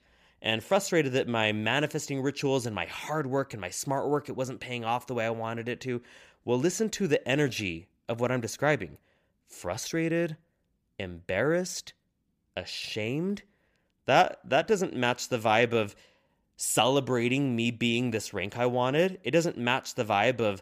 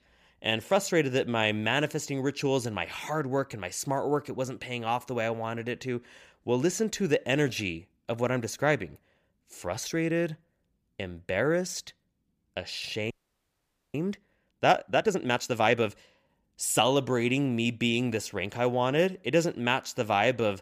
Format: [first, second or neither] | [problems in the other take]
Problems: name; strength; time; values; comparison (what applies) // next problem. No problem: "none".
first | audio freezing; at 13 s for 1 s